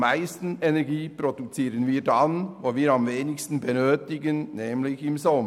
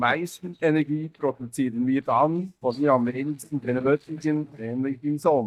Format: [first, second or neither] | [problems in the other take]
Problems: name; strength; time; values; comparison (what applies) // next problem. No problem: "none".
first | noise reduction (neural mask model DeepFilterNet 3)